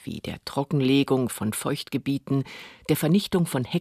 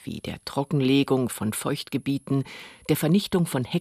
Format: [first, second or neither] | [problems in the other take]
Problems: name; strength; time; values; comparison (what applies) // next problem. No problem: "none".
first | high-pitched whine; faint; throughout; 10.5 kHz, 35 dB below the speech